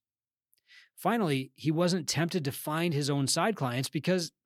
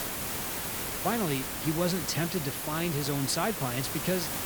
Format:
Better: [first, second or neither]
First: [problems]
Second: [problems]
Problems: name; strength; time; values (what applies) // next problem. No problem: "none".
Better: first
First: none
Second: hiss; loud; throughout; 2 dB below the speech